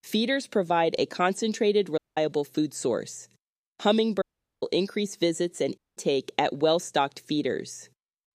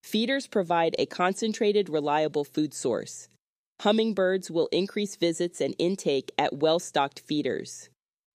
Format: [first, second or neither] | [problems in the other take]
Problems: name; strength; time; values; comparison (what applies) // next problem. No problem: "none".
second | audio cutting out; at 2 s, at 4 s and at 6 s